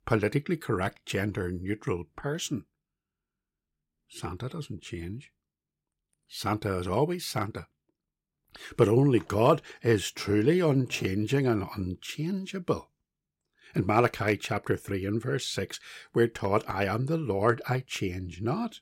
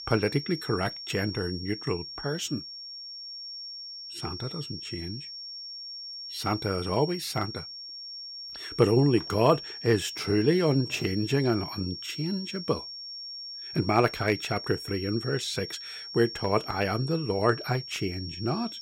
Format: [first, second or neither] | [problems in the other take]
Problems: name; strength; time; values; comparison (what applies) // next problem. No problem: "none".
first | high-pitched whine; loud; throughout; 5.5 kHz, 9 dB below the speech